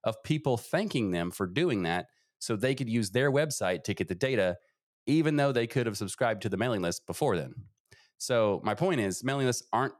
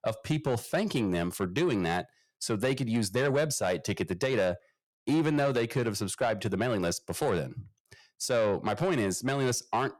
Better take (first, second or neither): first